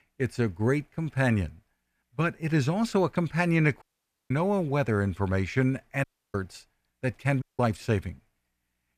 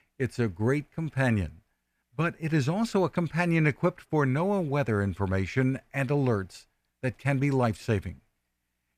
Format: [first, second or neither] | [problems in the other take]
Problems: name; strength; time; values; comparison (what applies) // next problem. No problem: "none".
second | audio cutting out; at 4 s, at 6 s and at 7.5 s